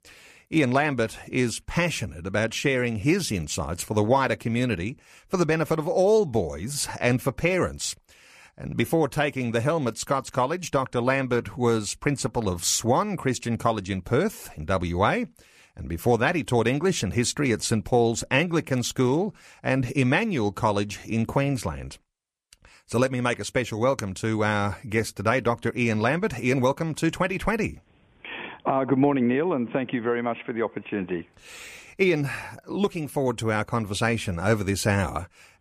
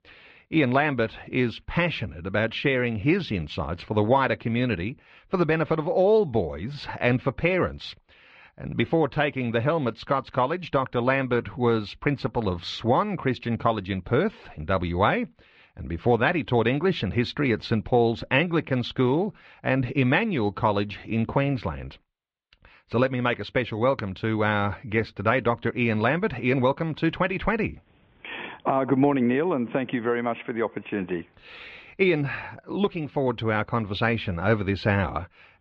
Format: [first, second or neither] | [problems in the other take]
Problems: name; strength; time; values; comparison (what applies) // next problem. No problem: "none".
first | muffled; slightly; fading above 4 kHz